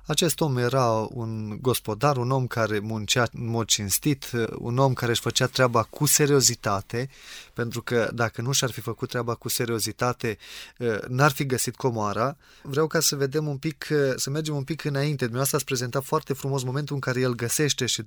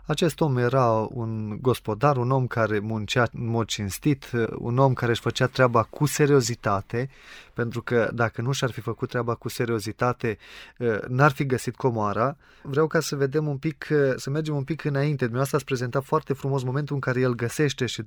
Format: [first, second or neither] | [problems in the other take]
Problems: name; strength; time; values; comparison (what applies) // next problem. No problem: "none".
first | muffled; slightly; fading above 3.5 kHz